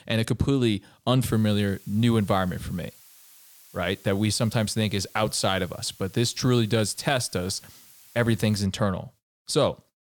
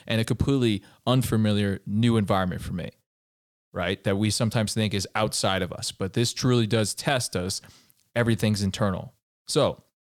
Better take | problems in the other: second | hiss; faint; from 1.5 to 8.5 s; 25 dB below the speech

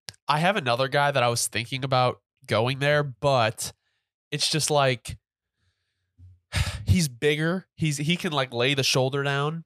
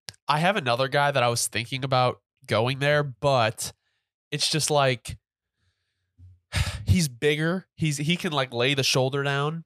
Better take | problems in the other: neither | none

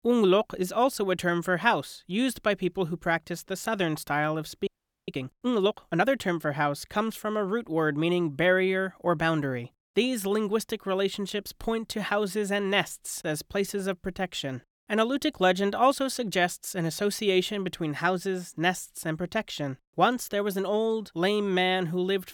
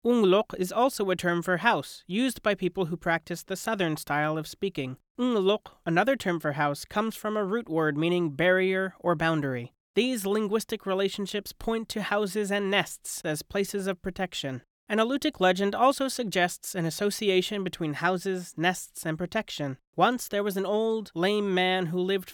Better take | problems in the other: second | audio freezing; at 4.5 s

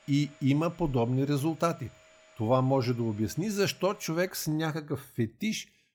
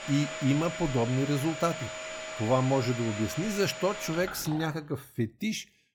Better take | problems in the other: first | household noises; loud; until 4 s; 8 dB below the speech; faint in the first

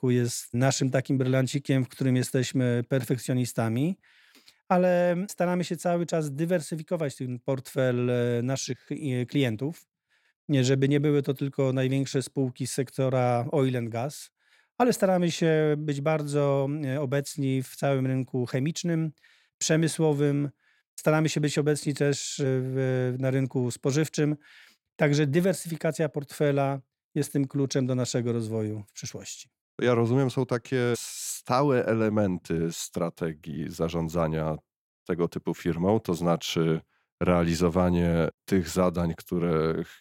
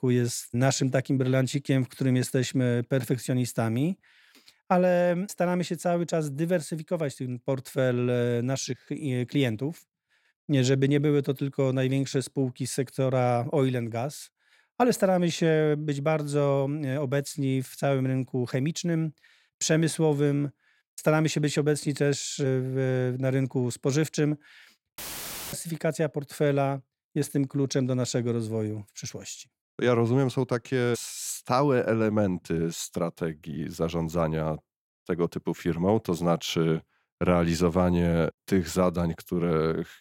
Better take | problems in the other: first | audio cutting out; filled with static; at 25 s for 0.5 s

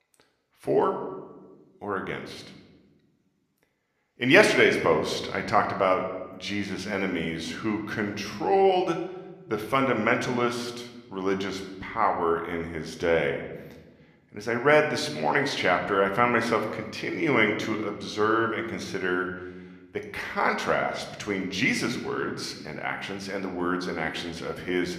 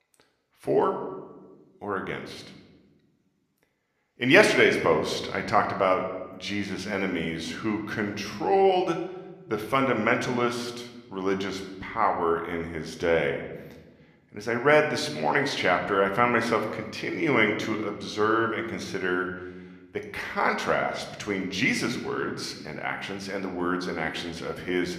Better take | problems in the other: neither | room echo; slight; dies away in 1 s; the same in both

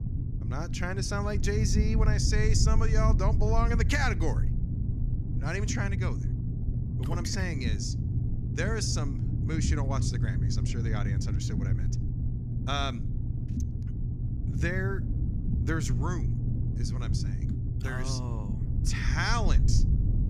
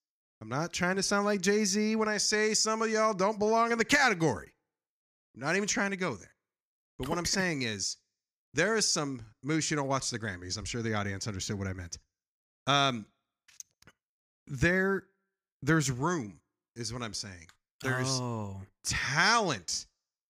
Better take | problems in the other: second | low rumble; loud; throughout; 8 dB below the speech

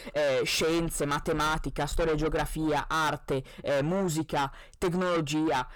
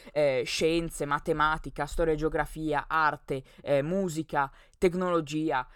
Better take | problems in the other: second | distortion; heavy; 6 dB below the speech

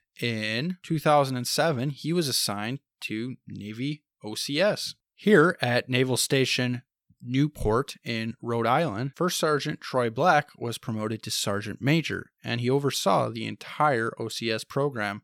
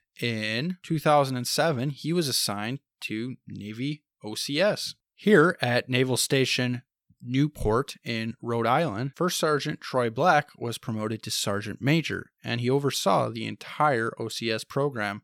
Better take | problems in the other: neither | none

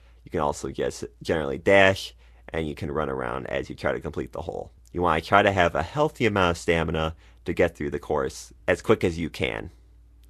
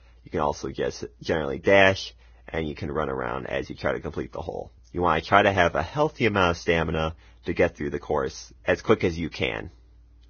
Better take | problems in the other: first | garbled, watery; badly; nothing above 6.5 kHz; slightly in the first

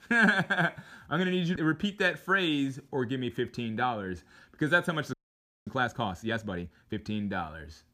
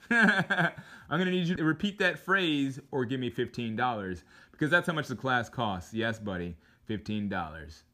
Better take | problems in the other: second | audio freezing; at 5 s for 0.5 s

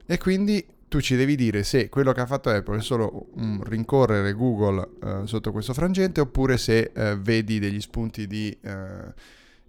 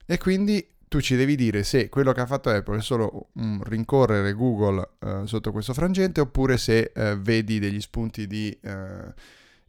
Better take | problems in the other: second | low rumble; faint; throughout; 25 dB below the speech

